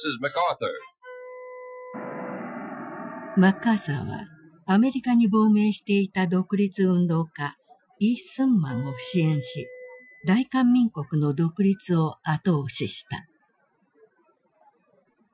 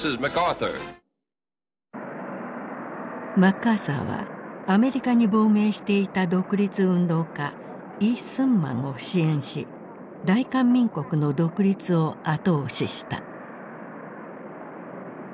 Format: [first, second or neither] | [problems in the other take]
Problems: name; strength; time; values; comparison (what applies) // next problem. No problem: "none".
second | noise reduction (classical method Wiener filter)